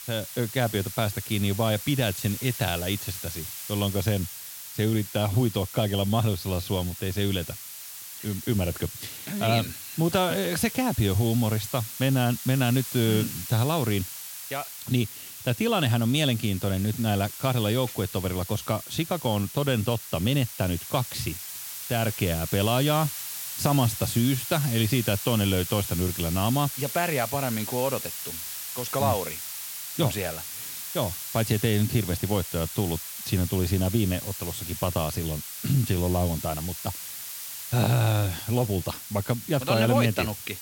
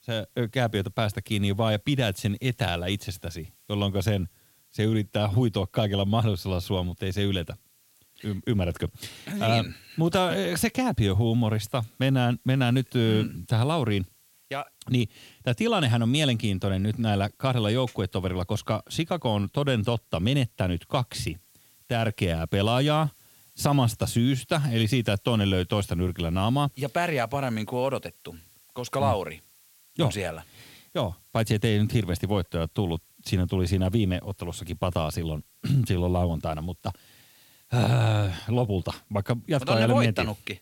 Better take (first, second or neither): second